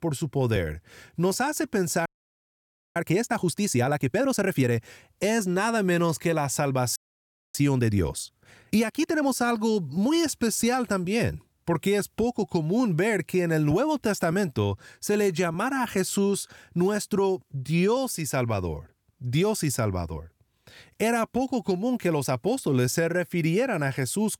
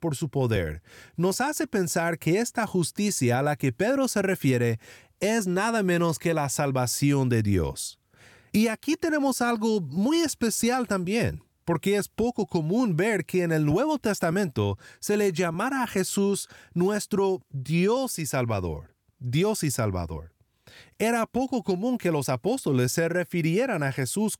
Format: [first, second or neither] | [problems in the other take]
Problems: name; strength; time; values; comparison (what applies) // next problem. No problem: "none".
second | audio freezing; at 2 s for 1 s and at 7 s for 0.5 s